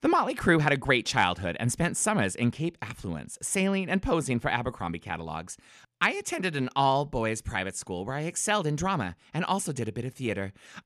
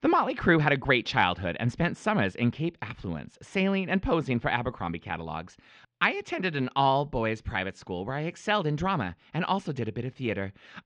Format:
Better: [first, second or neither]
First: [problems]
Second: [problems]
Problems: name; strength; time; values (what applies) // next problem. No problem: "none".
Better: first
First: none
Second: muffled; slightly; fading above 4.5 kHz